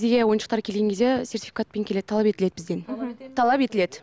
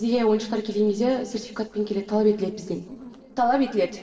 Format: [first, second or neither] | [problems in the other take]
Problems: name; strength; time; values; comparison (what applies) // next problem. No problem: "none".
first | noise reduction (neural separator model SepFormer DNS4)